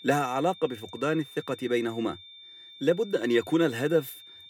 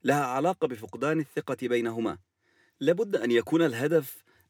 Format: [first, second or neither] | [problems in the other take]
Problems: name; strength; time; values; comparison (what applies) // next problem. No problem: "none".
second | high-pitched whine; noticeable; throughout; 3.5 kHz, 20 dB below the speech